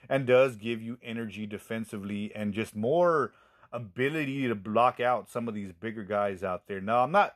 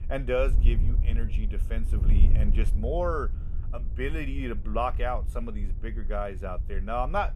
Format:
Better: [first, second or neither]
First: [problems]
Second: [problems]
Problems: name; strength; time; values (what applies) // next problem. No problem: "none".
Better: first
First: none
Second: wind noise on the microphone; occasional gusts; 15 dB below the speech